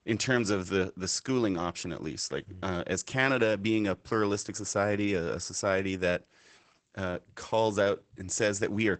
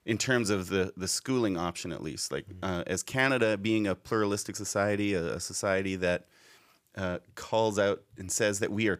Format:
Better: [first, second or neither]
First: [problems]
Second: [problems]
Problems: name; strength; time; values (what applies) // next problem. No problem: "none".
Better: second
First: garbled, watery; badly; nothing above 8 kHz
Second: none